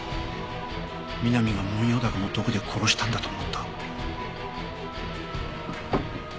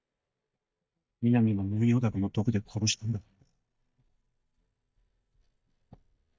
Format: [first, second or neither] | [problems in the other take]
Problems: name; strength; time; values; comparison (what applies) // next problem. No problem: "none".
first | noise reduction (neural mask model DeepFilterNet 3)